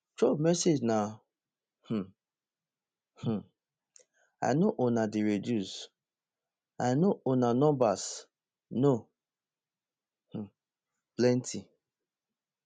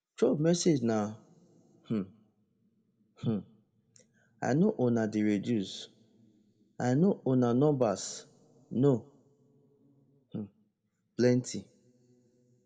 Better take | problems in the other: first | room echo; dies away in 0.7 s

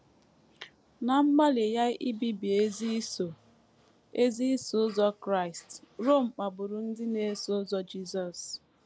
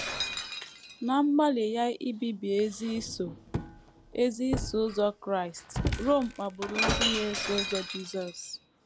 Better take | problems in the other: first | background sound (Shatter); 5 dB below the speech

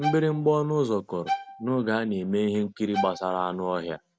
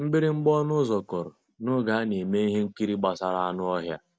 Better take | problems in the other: second | background sound (Bowed string instrument); 8 dB below the speech

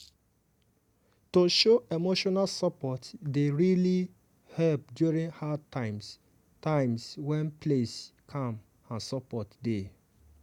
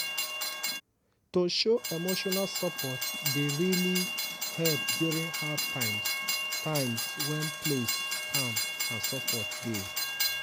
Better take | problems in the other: first | background sound (Train); as loud as the speech

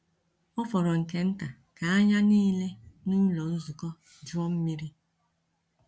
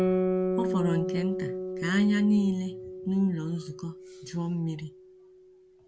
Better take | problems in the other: first | background sound (Guitar); 3 dB below the speech

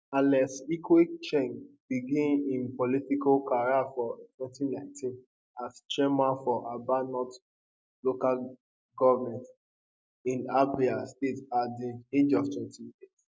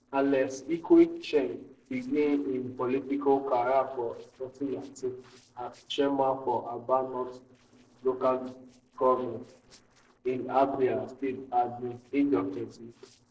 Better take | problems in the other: first | noise reduction (neural separator model SepFormer DNS4)

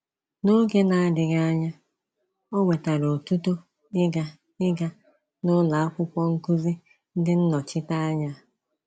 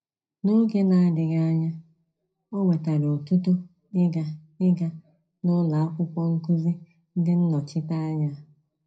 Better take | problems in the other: first | room echo; dies away in 0.3 s

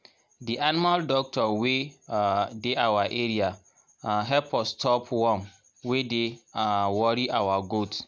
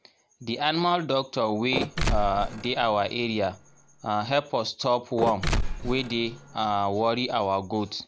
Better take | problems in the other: first | background sound (Mechanisms); 4 dB below the speech

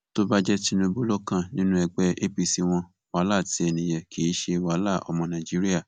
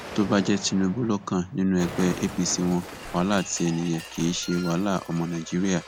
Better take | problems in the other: first | background sound (Explosion + Wind instrument, woodwind instrument); 14 dB below the speech

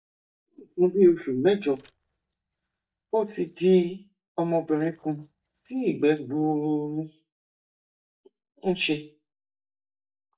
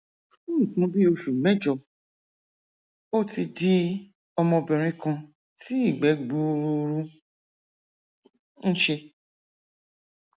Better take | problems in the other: second | noise reduction (neural mask model DeepFilterNet 3)

